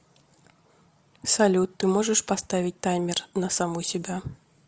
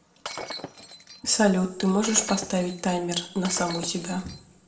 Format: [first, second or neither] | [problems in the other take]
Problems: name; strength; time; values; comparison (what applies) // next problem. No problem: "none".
first | background sound (Shatter); 13 dB below the speech // room echo; dies away in 0.6 s